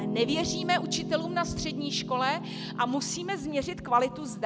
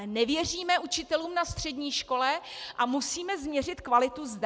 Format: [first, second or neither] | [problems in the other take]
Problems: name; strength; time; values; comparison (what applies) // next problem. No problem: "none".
second | background sound (Piano); 6 dB below the speech